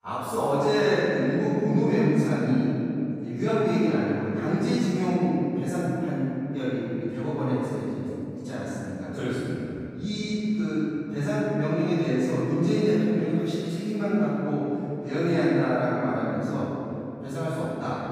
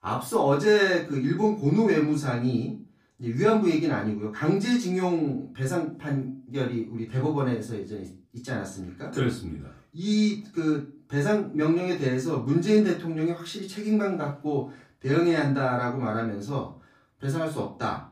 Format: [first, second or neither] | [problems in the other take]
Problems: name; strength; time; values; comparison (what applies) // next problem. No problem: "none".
second | room echo; strong; dies away in 3 s; slight in the second // off-mic speech; far; far in the second